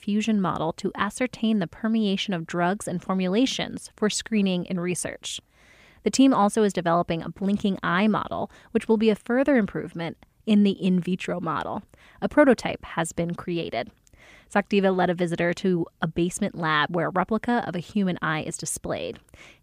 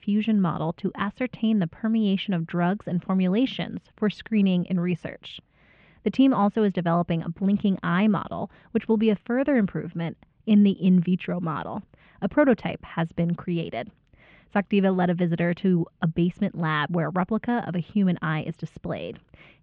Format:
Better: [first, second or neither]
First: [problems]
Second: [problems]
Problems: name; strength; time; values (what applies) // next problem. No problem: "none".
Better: first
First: none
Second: muffled; very; fading above 3 kHz